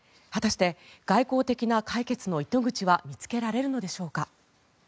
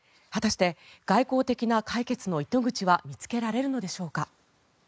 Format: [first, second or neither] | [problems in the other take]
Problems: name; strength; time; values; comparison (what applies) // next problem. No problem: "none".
first | noise reduction (neural mask model Resemble Enhance denoiser)